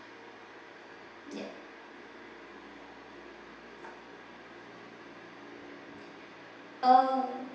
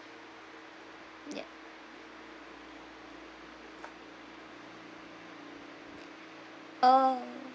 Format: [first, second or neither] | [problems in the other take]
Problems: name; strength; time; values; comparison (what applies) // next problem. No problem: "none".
second | room echo; dies away in 0.8 s